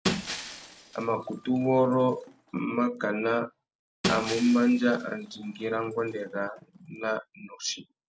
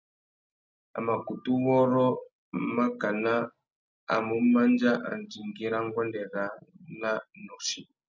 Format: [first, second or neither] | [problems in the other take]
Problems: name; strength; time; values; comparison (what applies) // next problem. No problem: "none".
second | background sound (Shatter); 10 dB below the speech